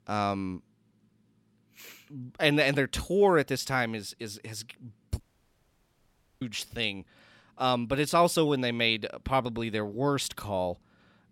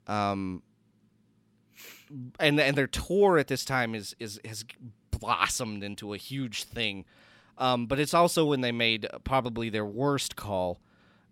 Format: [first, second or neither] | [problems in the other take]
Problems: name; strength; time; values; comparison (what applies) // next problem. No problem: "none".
second | audio cutting out; at 5 s for 1 s